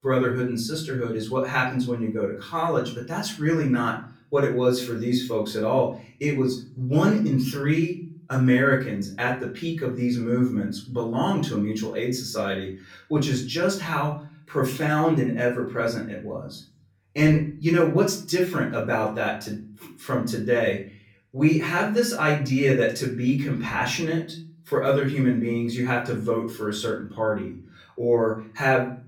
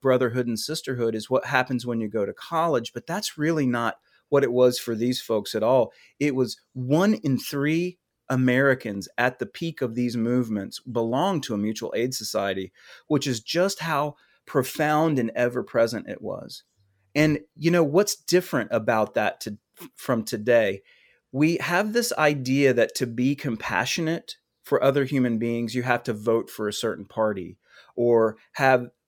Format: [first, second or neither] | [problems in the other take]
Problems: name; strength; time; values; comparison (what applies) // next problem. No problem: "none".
second | off-mic speech; far // room echo; slight; dies away in 0.5 s